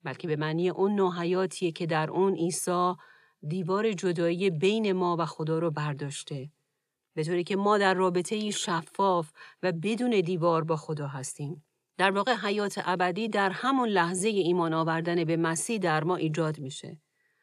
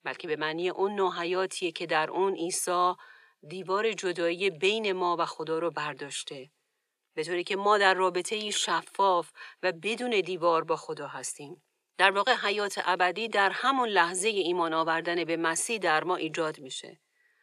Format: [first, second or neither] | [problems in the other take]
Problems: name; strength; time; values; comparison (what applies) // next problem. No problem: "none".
first | thin; somewhat; fading below 400 Hz